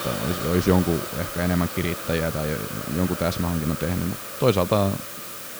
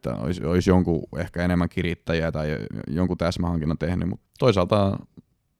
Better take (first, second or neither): second